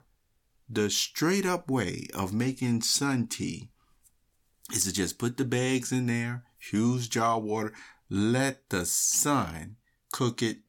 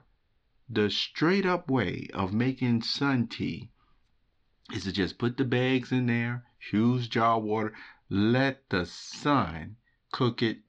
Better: first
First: none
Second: muffled; slightly; fading above 4 kHz

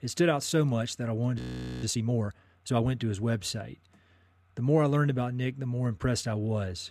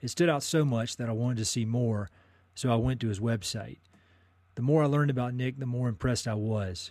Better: second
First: audio freezing; at 1.5 s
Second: none

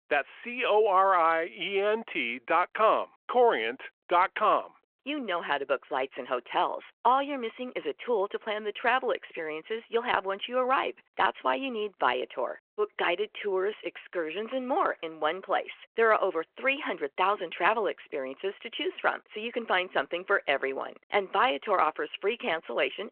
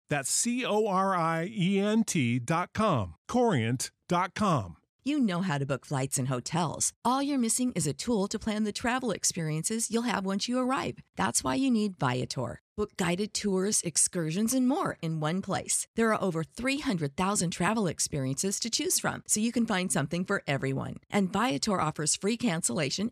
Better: second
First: phone-call audio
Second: none

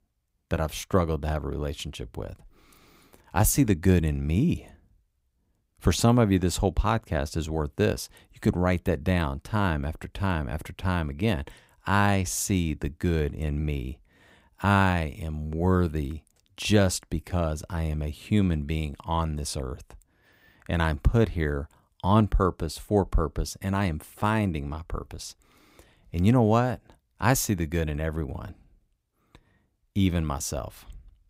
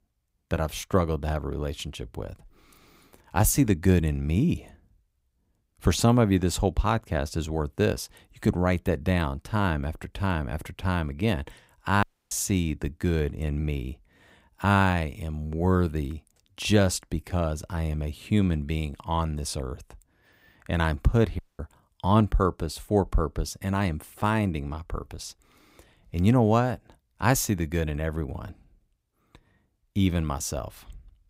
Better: first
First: none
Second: audio cutting out; at 12 s and at 21 s

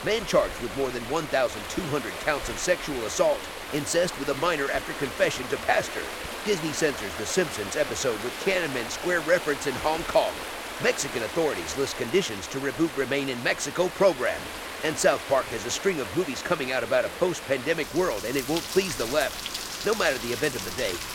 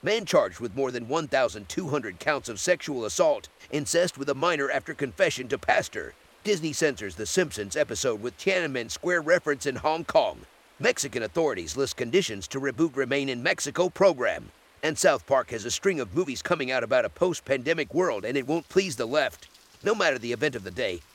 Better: second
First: rain or running water; loud; throughout; 7 dB below the speech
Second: rain or running water; faint; throughout; 30 dB below the speech

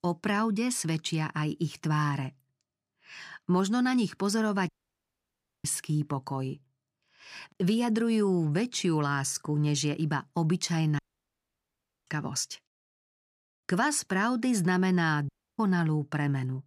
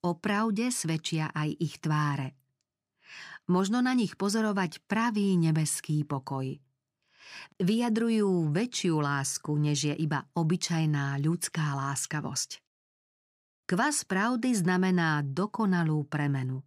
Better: second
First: audio cutting out; at 4.5 s for 1 s, at 11 s for 1 s and at 15 s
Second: none

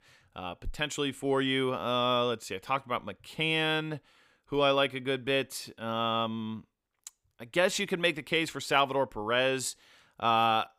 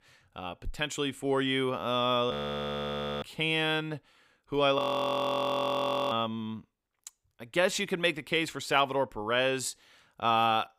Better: first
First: none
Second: audio freezing; at 2.5 s for 1 s and at 5 s for 1.5 s

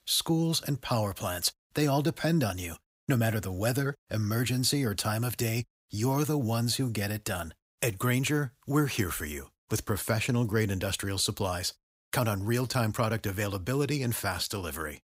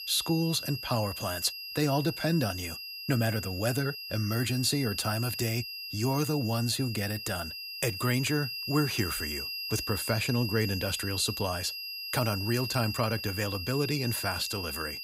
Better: first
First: none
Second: high-pitched whine; loud; throughout; 5 kHz, 5 dB below the speech

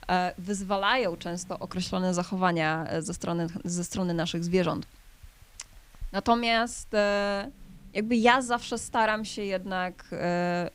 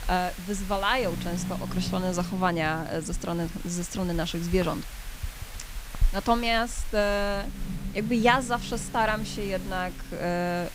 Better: first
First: hiss; faint; throughout; 25 dB below the speech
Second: hiss; loud; throughout; 9 dB below the speech

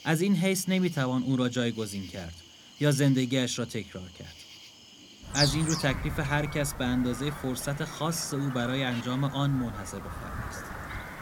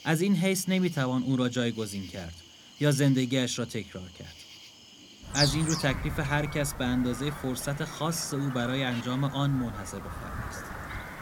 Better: neither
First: animal sounds; loud; throughout; 9 dB below the speech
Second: animal sounds; loud; throughout; 9 dB below the speech

